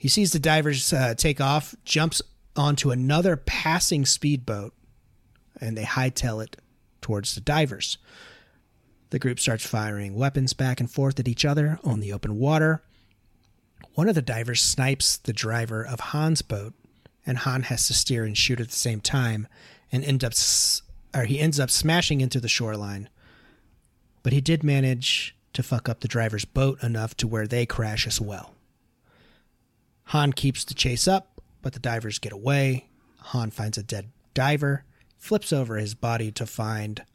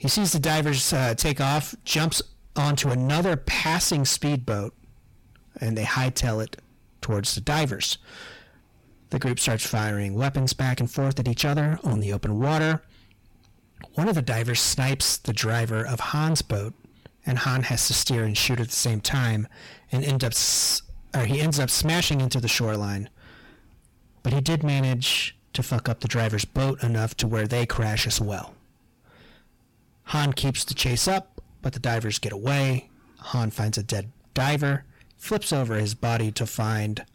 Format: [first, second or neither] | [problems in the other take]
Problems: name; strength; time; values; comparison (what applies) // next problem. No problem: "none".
first | distortion; heavy; 7 dB below the speech